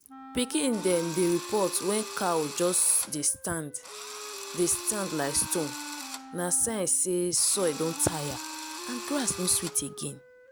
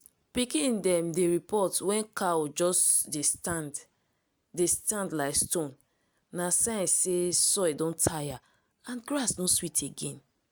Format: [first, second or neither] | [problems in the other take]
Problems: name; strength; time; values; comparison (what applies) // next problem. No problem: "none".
second | background sound (Drill + Wind instrument, woodwind instrument); 11 dB below the speech